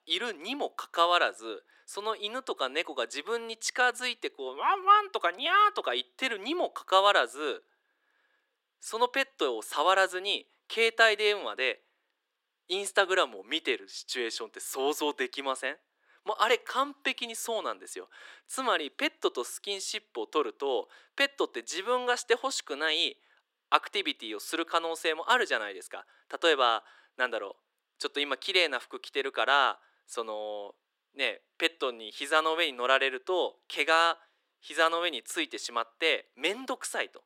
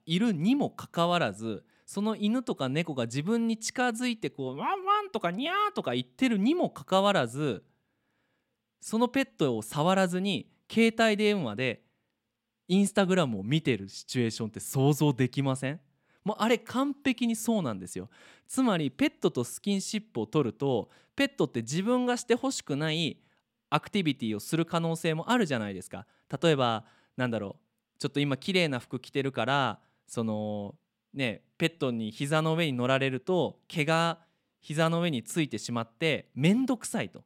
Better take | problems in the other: second | thin; very; fading below 350 Hz

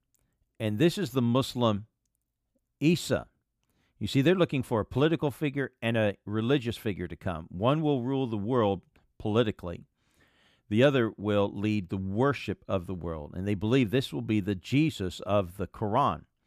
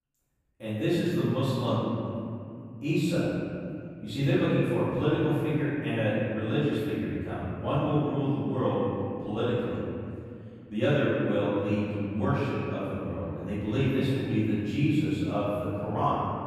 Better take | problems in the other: first | off-mic speech; far // room echo; strong; dies away in 2.4 s

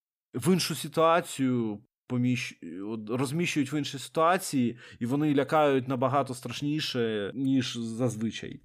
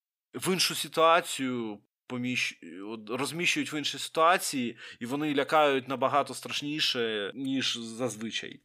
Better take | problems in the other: first | thin; very slightly; fading below 550 Hz

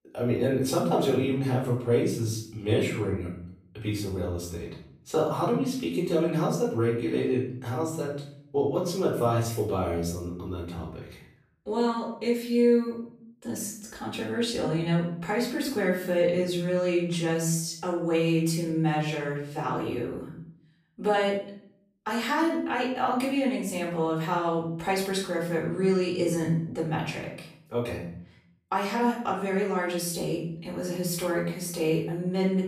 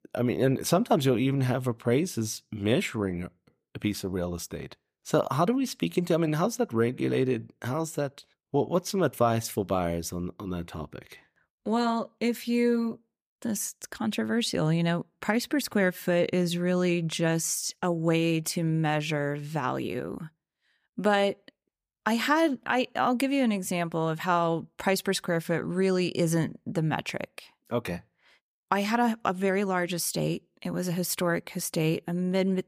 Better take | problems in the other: second | off-mic speech; far // room echo; noticeable; dies away in 0.6 s

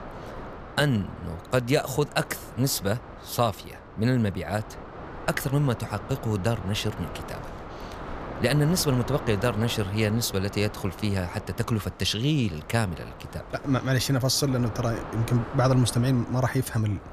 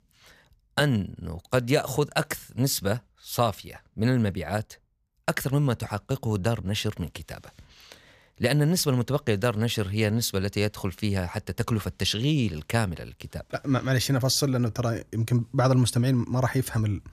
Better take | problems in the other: second | wind noise on the microphone; occasional gusts; 10 dB below the speech

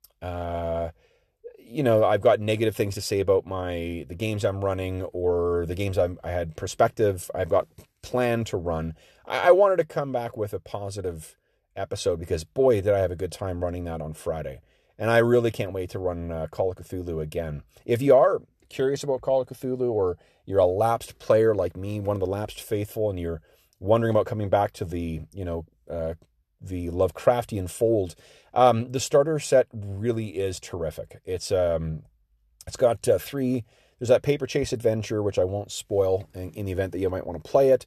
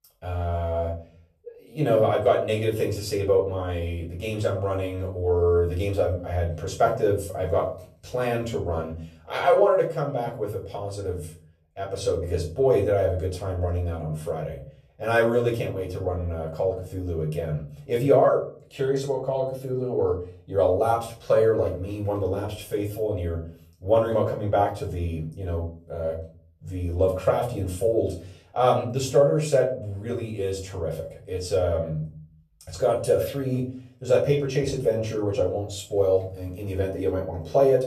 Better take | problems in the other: first | room echo; slight; dies away in 0.4 s // off-mic speech; far

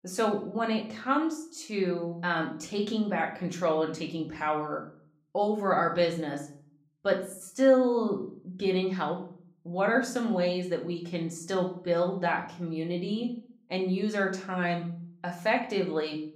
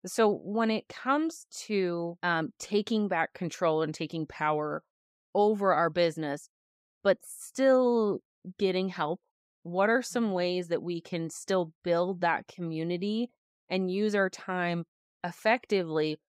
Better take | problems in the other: second | room echo; slight; dies away in 0.4 s // off-mic speech; somewhat distant

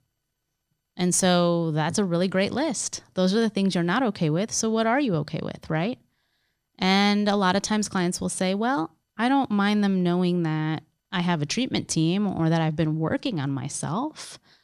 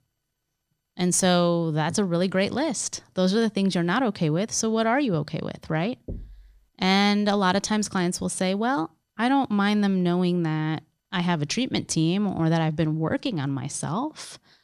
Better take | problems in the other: first | door banging; faint; at 6 s; peak 15 dB below the speech

